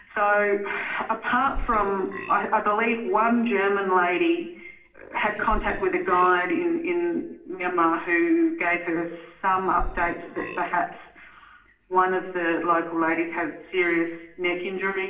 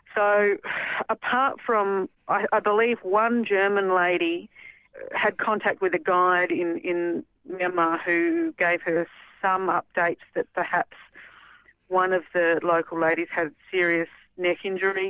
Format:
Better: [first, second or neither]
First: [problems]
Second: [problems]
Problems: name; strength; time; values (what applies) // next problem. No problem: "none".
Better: second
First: background sound (Burping, eructation); 9 dB below the speech // room echo; dies away in 0.8 s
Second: none